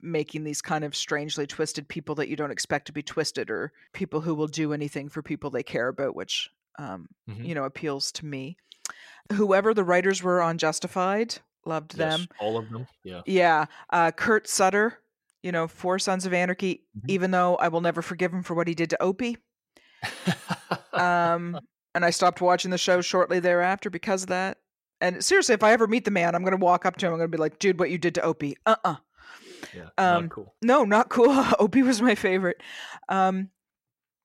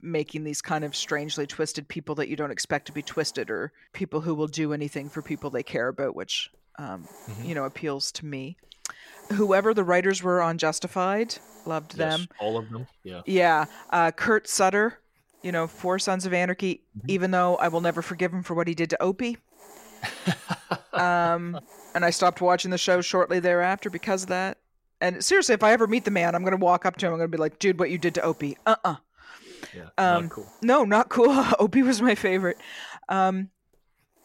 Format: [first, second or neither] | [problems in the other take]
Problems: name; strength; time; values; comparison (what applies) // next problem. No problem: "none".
first | hiss; faint; throughout; 25 dB below the speech